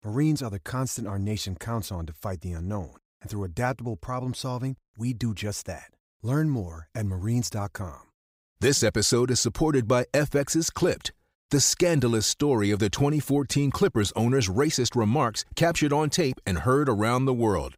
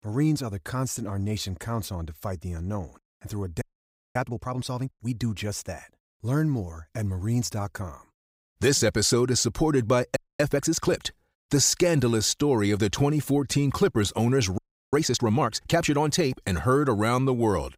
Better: first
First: none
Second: audio freezing; at 3.5 s for 0.5 s, at 10 s and at 15 s

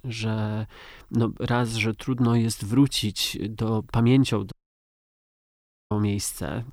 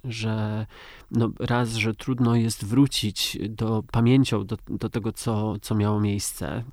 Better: second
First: audio cutting out; at 4.5 s for 1.5 s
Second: none

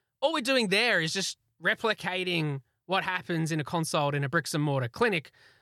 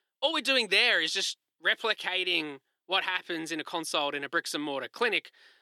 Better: first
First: none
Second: thin; somewhat; fading below 300 Hz

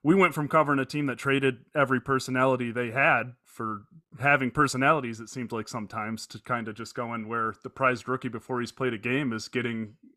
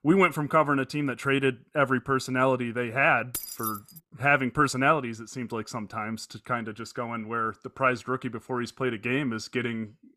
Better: first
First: none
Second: jangling keys; noticeable; at 3.5 s; peak 6 dB below the speech

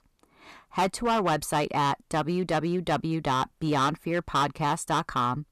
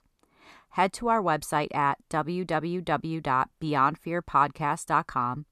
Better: second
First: distortion; heavy; 9% of the sound clipped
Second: none

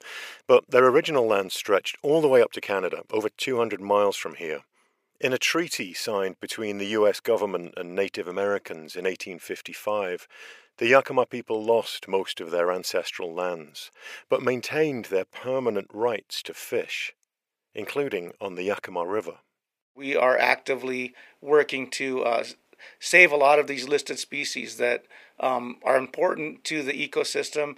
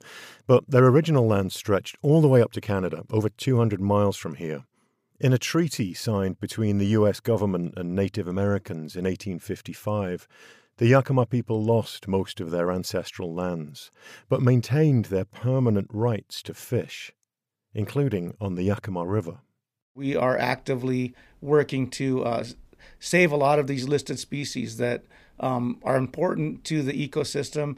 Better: second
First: thin; very; fading below 500 Hz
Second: none

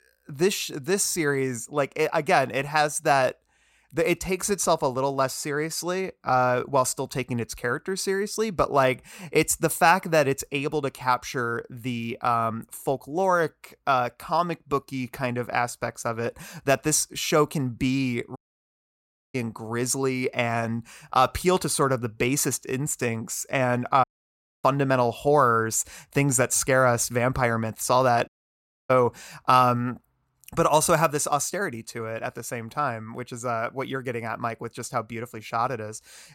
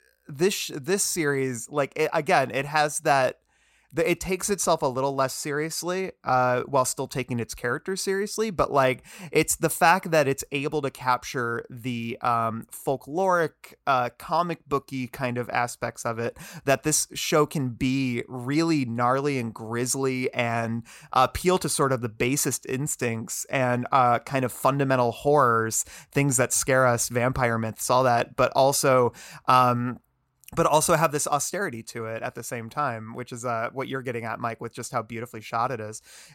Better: second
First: audio cutting out; at 18 s for 1 s, at 24 s for 0.5 s and at 28 s for 0.5 s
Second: none

